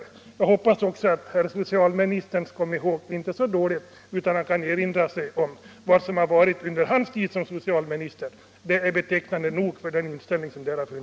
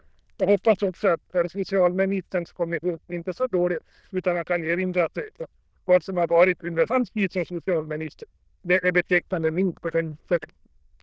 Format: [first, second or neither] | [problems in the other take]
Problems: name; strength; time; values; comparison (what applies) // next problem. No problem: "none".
first | noise reduction (neural diffusion model UNIVERSE++)